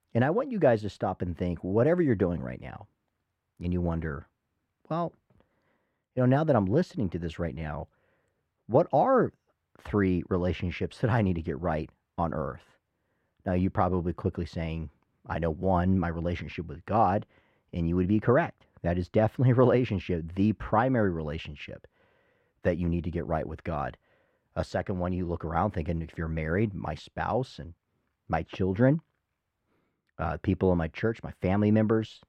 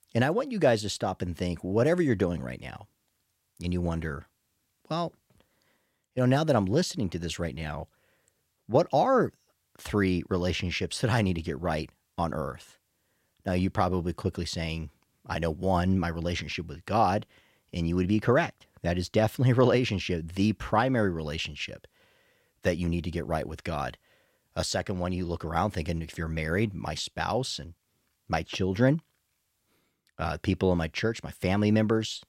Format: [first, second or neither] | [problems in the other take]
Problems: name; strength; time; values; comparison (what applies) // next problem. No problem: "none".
second | muffled; very; fading above 3 kHz